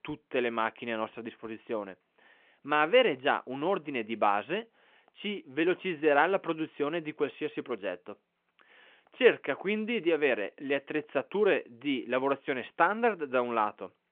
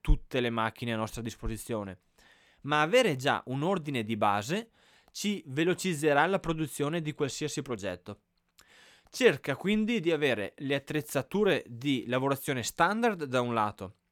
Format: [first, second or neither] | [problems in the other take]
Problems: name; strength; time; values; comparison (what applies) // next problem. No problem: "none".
second | phone-call audio